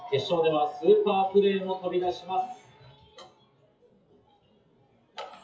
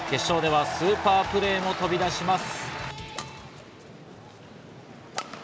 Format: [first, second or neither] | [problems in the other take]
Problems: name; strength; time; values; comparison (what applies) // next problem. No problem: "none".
second | noise reduction (classical method WPE with log-MMSE)